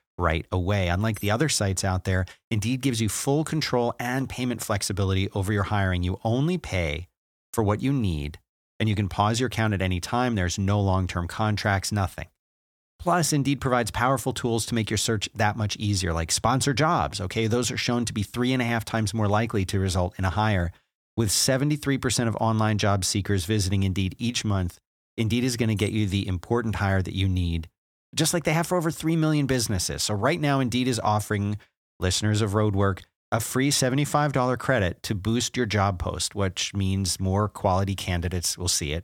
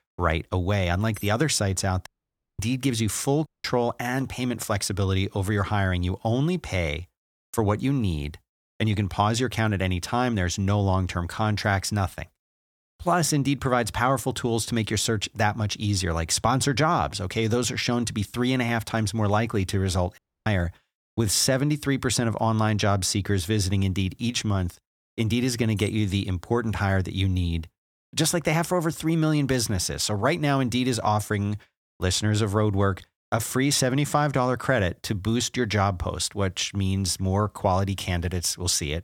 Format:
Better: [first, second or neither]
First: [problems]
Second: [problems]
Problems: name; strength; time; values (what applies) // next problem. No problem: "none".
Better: first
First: none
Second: audio cutting out; at 2 s for 0.5 s, at 3.5 s and at 20 s